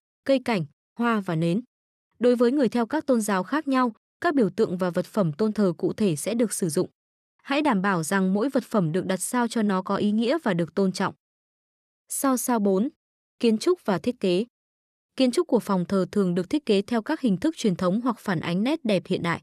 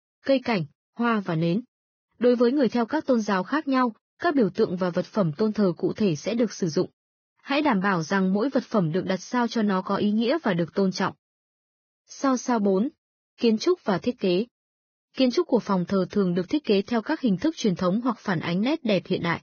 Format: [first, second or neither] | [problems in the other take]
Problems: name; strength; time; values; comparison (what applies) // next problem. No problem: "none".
first | garbled, watery; badly; nothing above 6.5 kHz